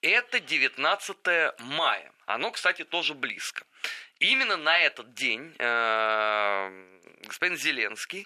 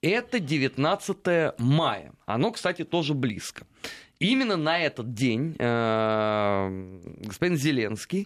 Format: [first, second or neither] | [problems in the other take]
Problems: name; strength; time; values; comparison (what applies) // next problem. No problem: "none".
second | thin; very; fading below 650 Hz